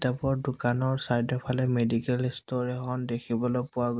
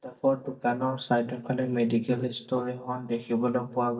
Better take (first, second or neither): first